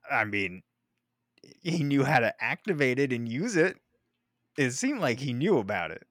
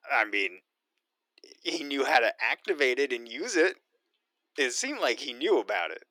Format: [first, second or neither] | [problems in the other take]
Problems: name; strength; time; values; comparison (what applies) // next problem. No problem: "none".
first | thin; somewhat; fading below 350 Hz